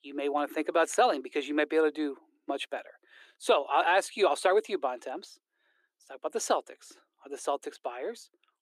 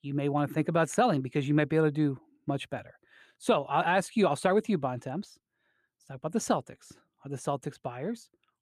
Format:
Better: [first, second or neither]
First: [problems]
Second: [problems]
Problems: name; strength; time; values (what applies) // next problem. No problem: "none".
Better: second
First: thin; somewhat; fading below 350 Hz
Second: none